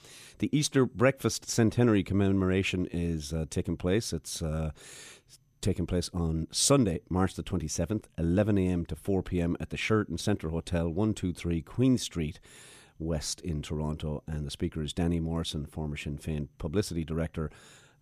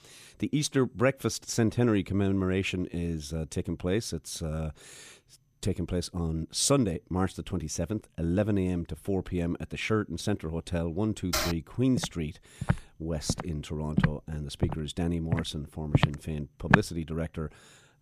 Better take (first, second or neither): first